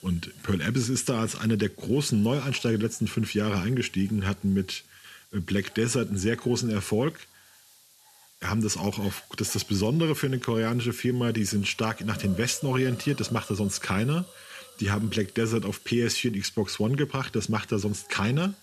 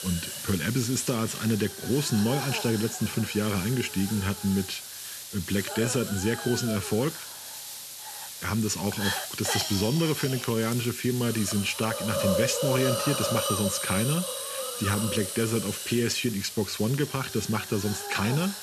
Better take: first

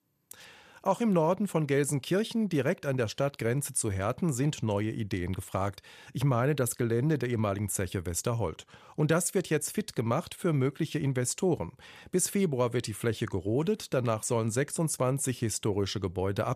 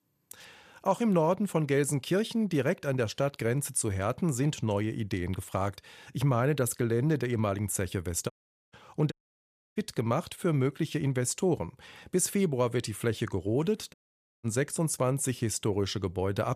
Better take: first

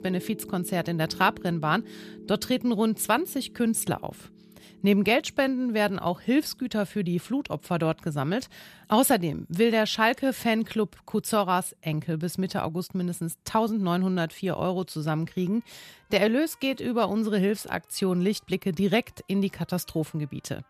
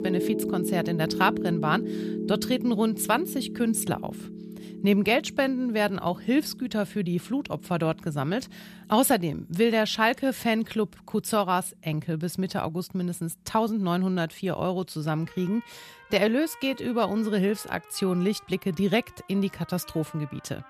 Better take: first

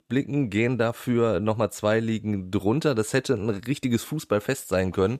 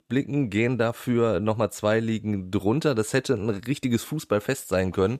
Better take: neither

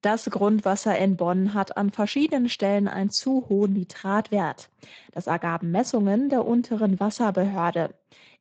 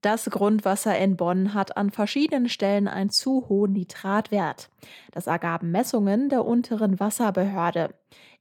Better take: second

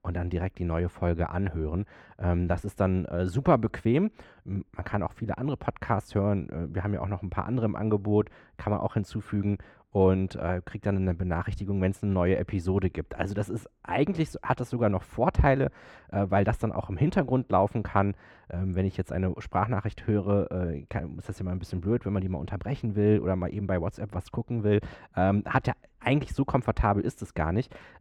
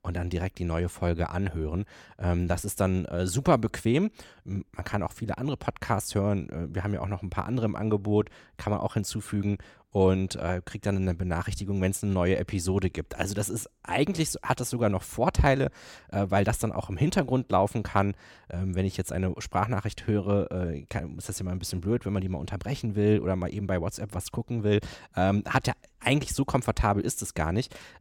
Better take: second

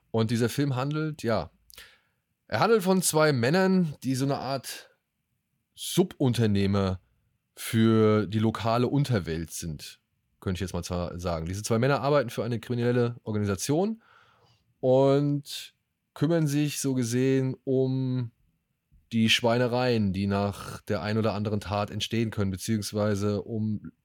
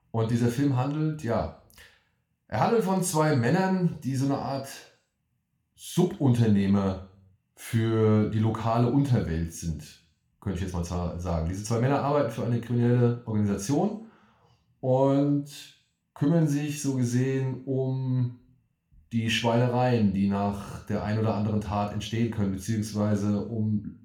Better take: first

